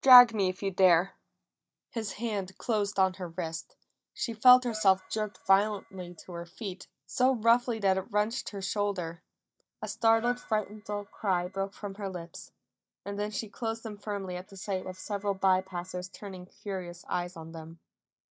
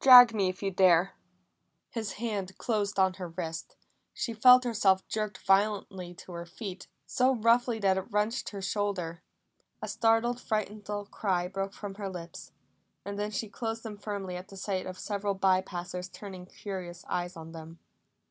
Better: second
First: noise reduction (neural mask model DeepFilterNet 3)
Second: none

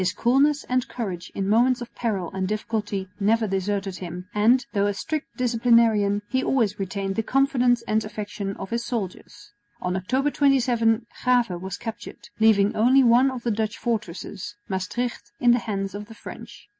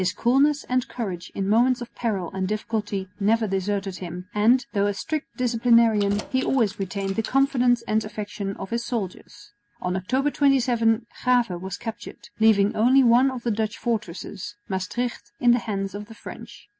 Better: first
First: none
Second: background sound (Keys jangling); 17 dB below the speech

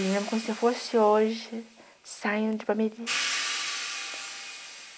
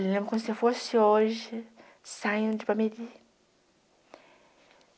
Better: second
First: background sound (Hi-hat); 7 dB below the speech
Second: none

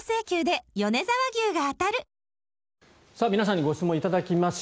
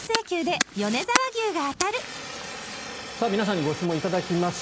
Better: first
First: none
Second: background sound (Fire); 5 dB below the speech

